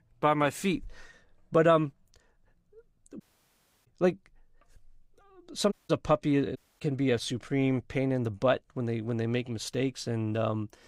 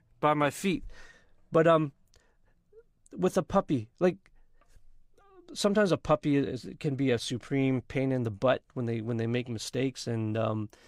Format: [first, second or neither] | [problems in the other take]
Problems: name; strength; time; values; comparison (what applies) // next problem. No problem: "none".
second | audio cutting out; at 3 s for 0.5 s, at 5.5 s and at 6.5 s